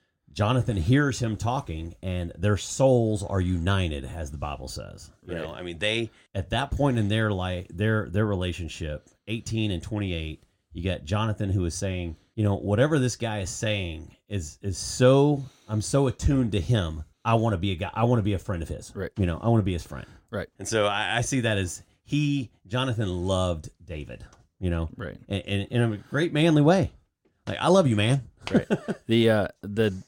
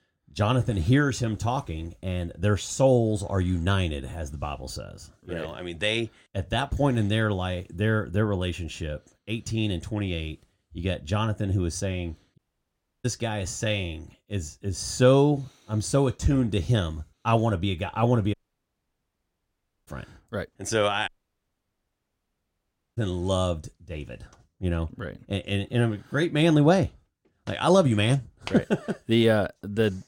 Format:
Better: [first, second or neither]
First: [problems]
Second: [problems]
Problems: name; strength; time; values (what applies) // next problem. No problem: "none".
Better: first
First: none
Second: audio cutting out; at 12 s for 0.5 s, at 18 s for 1.5 s and at 21 s for 2 s